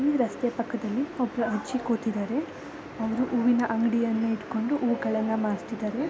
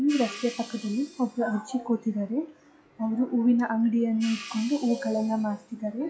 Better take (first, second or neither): first